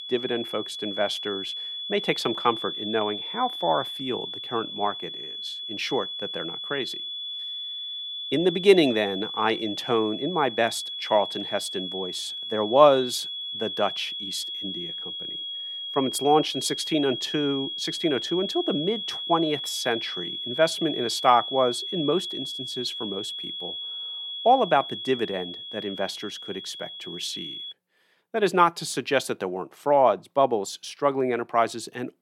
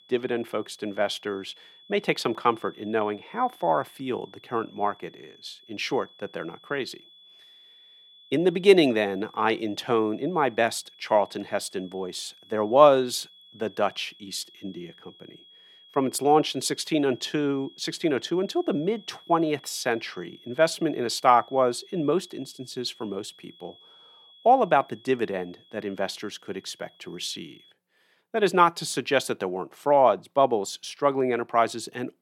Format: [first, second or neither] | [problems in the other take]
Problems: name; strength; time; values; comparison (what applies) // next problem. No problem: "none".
second | high-pitched whine; loud; until 28 s; 3.5 kHz, 6 dB below the speech; faint in the second